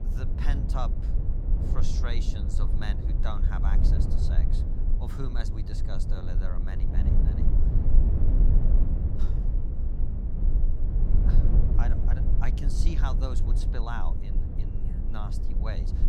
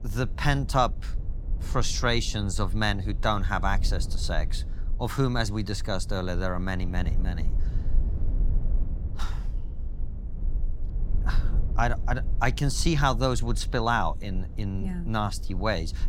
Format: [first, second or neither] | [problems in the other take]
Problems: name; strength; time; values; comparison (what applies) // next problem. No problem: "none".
second | low rumble; loud; throughout; 2 dB below the speech; faint in the second